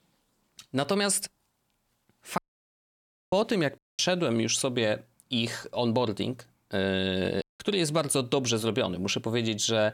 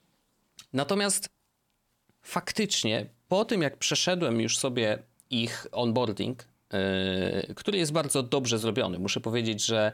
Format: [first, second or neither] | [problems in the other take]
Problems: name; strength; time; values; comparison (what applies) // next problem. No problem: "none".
second | audio cutting out; at 2.5 s for 1 s, at 4 s and at 7.5 s